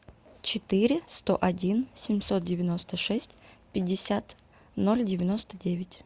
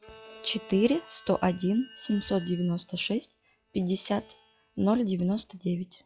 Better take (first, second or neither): first